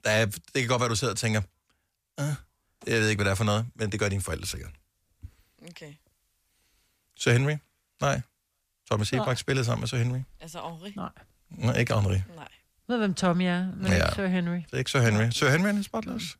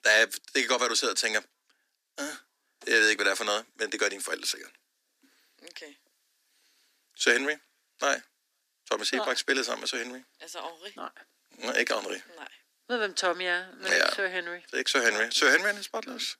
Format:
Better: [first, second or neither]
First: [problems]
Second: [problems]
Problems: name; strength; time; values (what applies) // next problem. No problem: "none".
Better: first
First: none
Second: thin; very; fading below 250 Hz